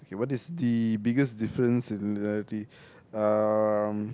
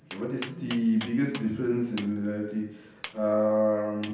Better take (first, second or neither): first